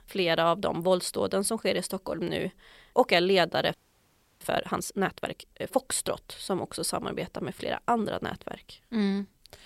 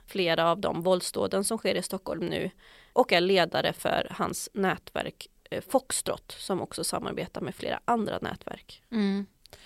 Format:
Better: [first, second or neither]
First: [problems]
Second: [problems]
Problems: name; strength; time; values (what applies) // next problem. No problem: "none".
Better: second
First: audio freezing; at 3.5 s for 0.5 s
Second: none